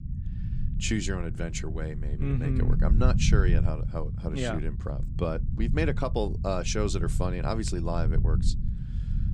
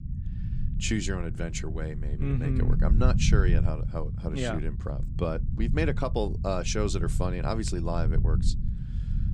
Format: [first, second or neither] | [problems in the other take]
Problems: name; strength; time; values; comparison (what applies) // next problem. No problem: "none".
neither | low rumble; noticeable; throughout; 10 dB below the speech; the same in both